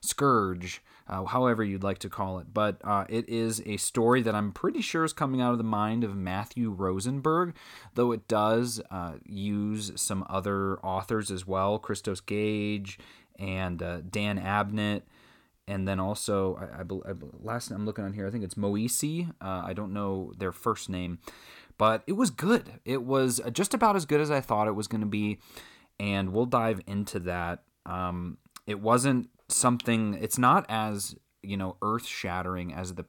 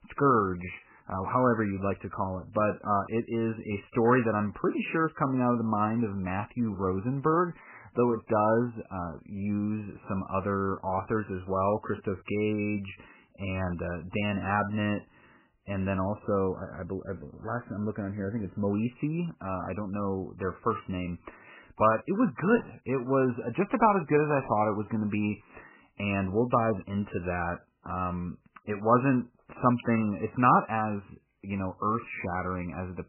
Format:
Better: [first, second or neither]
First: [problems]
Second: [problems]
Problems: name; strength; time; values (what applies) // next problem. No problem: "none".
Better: first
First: none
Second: garbled, watery; badly; nothing above 3 kHz